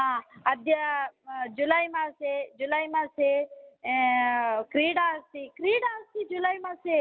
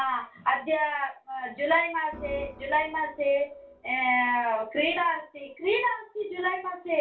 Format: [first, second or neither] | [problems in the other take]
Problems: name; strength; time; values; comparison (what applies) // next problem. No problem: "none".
first | background sound (Organ); 18 dB below the speech // room echo; dies away in 0.3 s